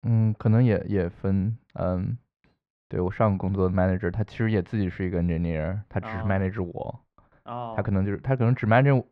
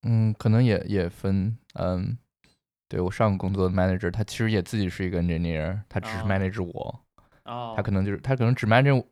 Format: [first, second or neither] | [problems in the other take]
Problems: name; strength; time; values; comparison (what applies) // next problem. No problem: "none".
second | muffled; very; fading above 2 kHz